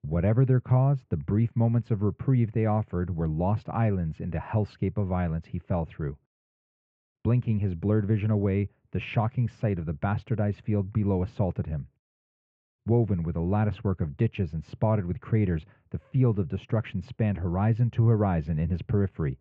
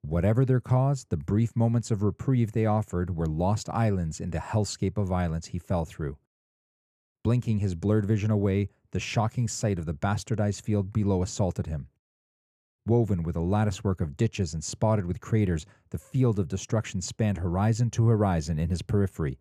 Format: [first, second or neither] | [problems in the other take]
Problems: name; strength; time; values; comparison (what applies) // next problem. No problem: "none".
second | muffled; very; fading above 2.5 kHz